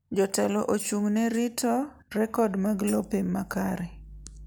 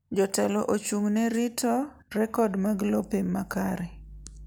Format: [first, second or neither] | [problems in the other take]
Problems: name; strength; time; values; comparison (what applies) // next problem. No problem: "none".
second | background sound (Tambourine); 19 dB below the speech